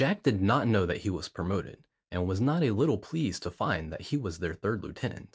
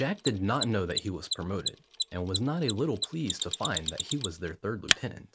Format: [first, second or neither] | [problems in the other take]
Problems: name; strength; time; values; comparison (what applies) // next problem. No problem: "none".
first | background sound (Mechanisms); 3 dB below the speech